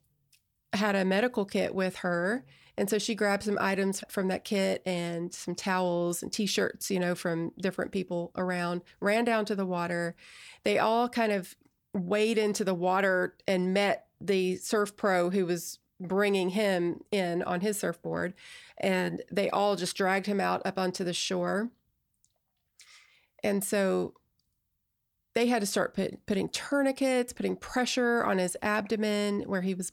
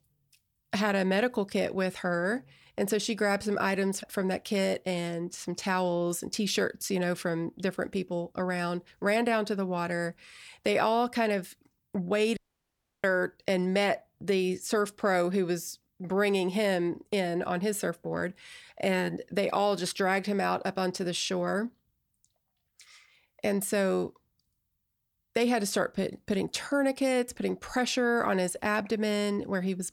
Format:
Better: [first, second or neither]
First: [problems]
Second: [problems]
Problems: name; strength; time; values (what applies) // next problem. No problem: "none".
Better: first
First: none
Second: audio cutting out; at 12 s for 0.5 s